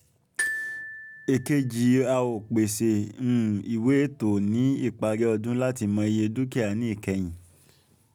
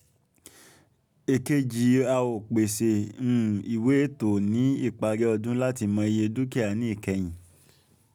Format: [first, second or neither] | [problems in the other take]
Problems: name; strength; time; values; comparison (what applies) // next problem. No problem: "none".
second | background sound (Glockenspiel); 11 dB below the speech